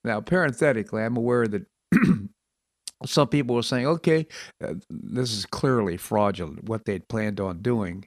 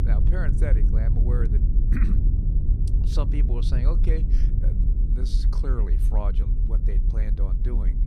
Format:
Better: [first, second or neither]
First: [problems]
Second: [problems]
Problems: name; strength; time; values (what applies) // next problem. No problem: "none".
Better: first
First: none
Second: low rumble; loud; throughout; 3 dB below the speech